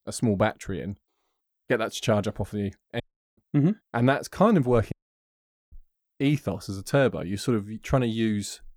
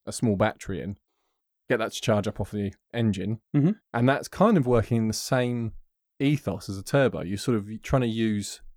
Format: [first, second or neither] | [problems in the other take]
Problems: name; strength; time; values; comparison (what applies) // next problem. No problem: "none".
second | audio cutting out; at 3 s and at 5 s for 1 s